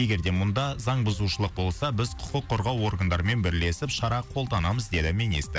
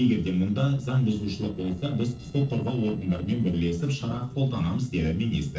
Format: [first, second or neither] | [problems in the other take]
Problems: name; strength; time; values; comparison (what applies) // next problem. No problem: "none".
first | noise reduction (neural separator model SepFormer DNS4)